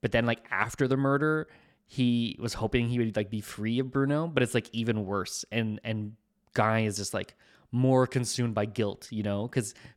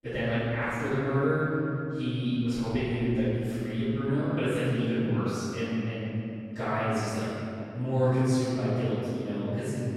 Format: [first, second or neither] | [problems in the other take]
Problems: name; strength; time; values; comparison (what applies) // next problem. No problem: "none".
first | off-mic speech; far // room echo; strong; dies away in 3 s